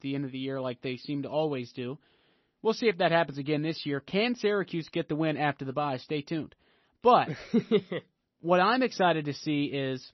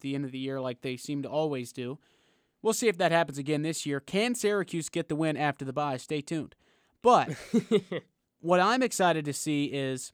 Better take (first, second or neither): second